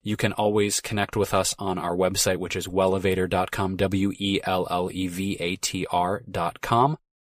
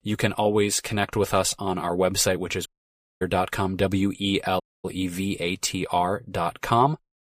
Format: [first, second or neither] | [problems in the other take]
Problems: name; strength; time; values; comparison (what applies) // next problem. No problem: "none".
first | audio cutting out; at 2.5 s for 0.5 s and at 4.5 s